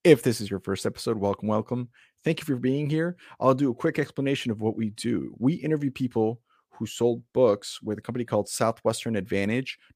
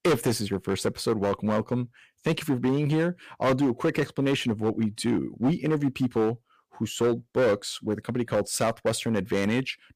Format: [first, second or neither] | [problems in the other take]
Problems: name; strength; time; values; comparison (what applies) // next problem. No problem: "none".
first | distortion; heavy; 8% of the sound clipped